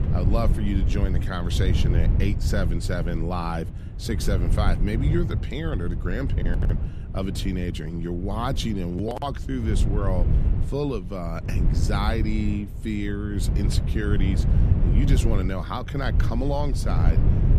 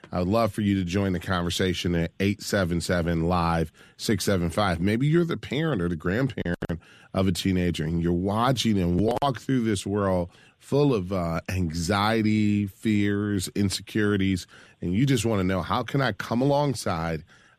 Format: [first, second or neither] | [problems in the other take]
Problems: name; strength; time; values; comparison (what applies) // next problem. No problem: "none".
second | wind noise on the microphone; heavy; 7 dB below the speech